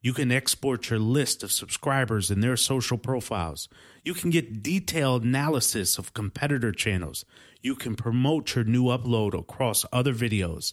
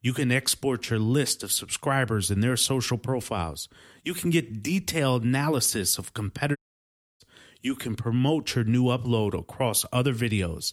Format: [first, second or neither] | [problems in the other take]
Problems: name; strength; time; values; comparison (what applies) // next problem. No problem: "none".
first | audio cutting out; at 6.5 s for 0.5 s